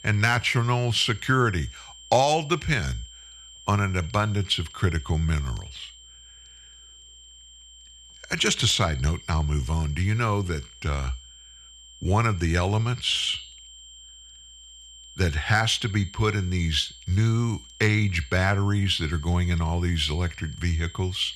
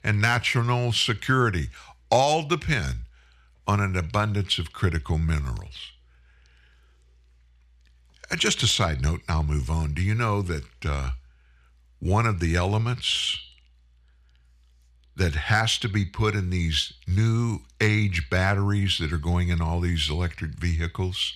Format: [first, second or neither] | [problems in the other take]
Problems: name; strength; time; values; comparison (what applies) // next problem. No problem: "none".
second | high-pitched whine; noticeable; throughout; 3 kHz, 20 dB below the speech